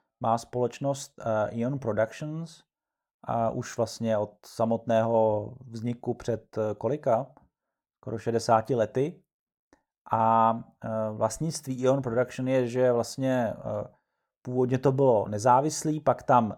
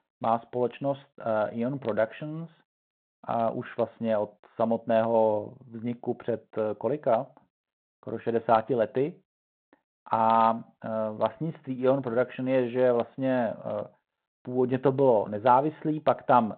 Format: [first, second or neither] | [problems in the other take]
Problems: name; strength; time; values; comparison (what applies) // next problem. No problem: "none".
first | phone-call audio; nothing above 4 kHz